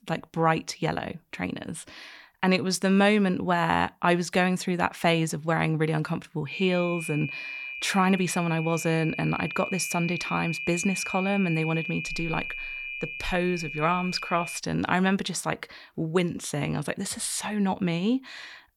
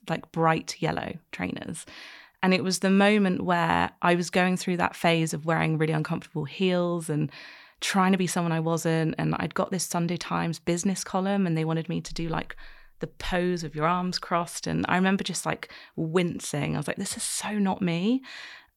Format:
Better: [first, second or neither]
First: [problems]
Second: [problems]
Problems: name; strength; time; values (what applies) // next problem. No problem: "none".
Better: second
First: high-pitched whine; loud; from 6.5 to 15 s; 2.5 kHz, 7 dB below the speech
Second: none